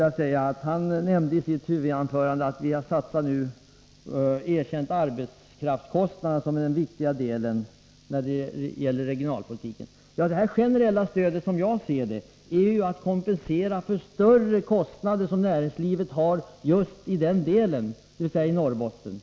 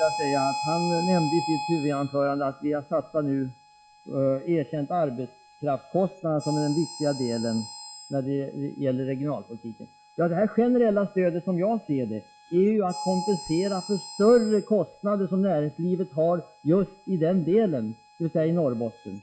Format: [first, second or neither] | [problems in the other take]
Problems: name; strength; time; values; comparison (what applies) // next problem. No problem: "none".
first | noise reduction (classical method log-MMSE)